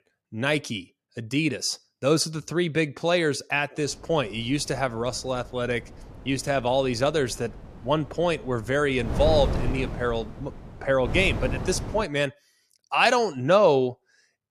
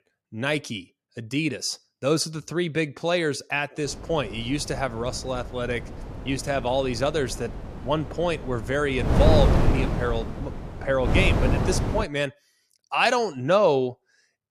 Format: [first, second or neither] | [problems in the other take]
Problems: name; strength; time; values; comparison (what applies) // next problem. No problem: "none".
first | wind noise on the microphone; heavy; from 4 to 12 s; 7 dB below the speech; occasional gusts in the first